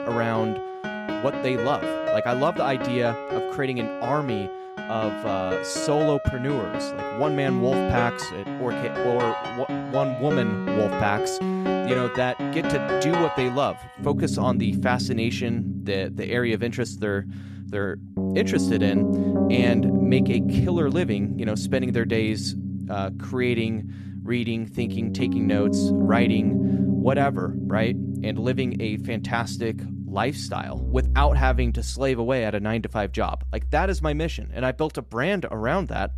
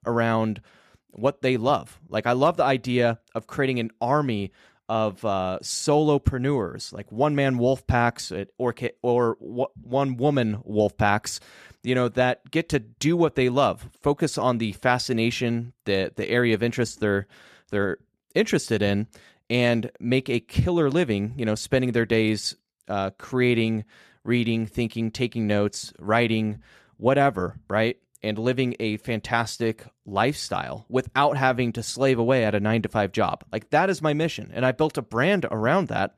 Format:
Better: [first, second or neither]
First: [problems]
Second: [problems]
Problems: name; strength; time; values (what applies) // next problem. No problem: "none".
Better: second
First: background music; loud; throughout; as loud as the speech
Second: none